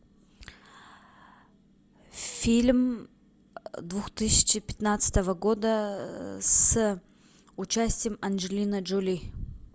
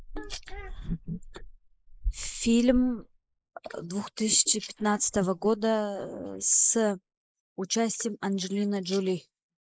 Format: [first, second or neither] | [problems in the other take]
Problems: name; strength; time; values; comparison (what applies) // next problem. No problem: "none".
first | noise reduction (neural mask model Resemble Enhance denoiser)